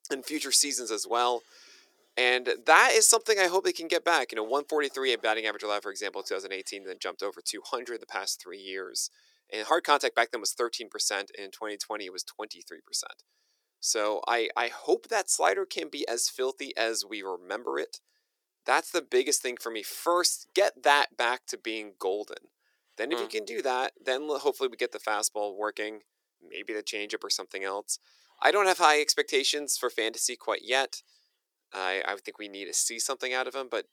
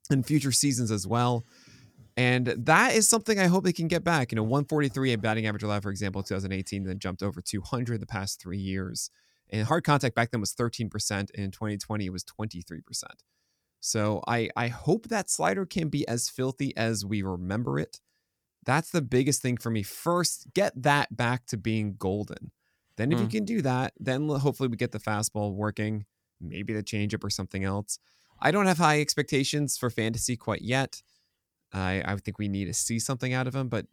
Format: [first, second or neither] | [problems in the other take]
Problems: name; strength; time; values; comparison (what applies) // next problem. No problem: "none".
second | thin; very; fading below 350 Hz